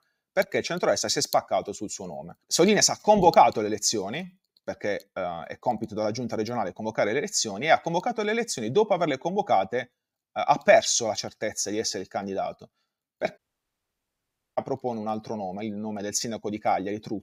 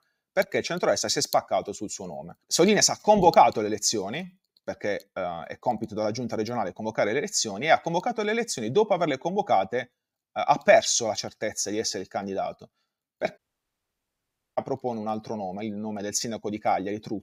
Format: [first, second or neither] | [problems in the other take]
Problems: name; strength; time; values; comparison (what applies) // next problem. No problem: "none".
neither | audio cutting out; at 13 s for 1 s; the same in both